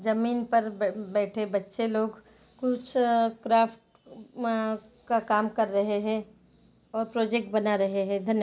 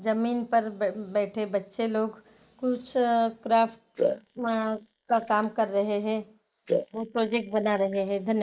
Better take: first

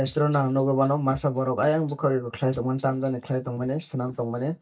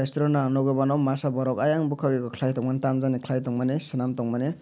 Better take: second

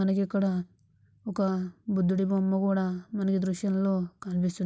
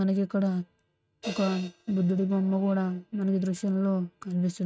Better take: first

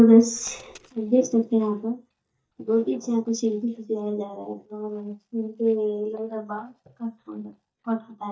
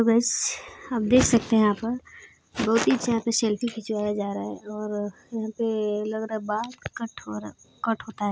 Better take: second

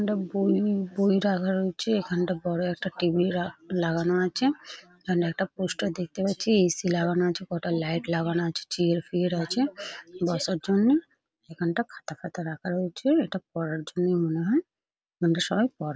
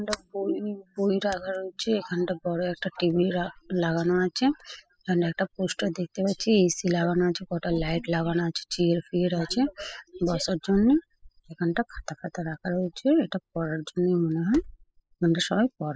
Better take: first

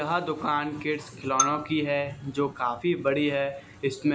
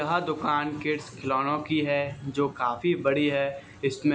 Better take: second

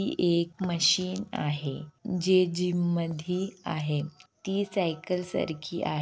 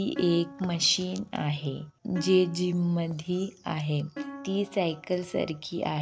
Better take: first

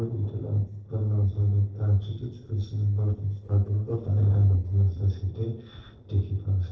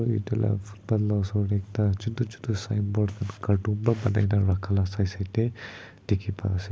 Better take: second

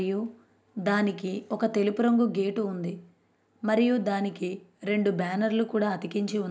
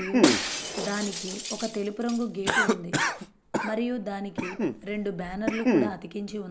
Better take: first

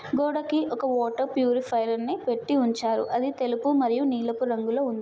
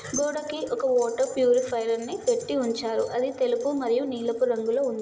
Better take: first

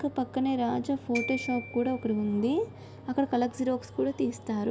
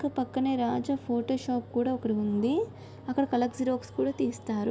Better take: second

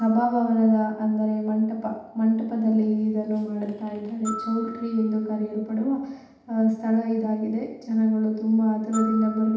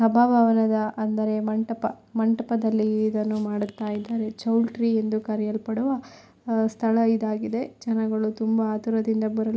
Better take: second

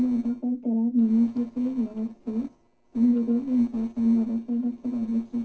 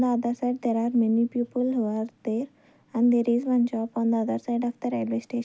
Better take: second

